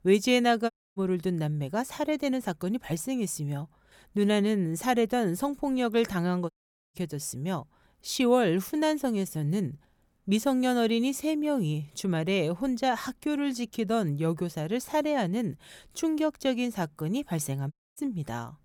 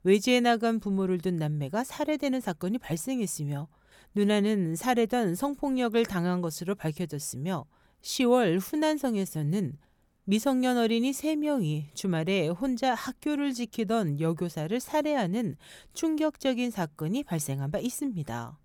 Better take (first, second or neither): second